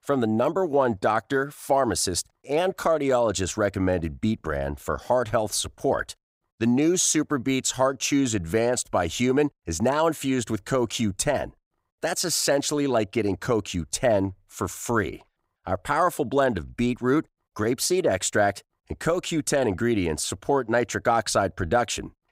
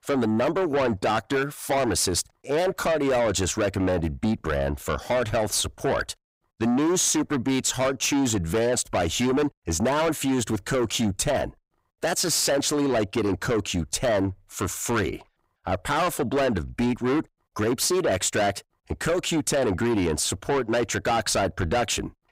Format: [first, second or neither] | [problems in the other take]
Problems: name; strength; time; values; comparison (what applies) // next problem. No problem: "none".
first | distortion; heavy; 8 dB below the speech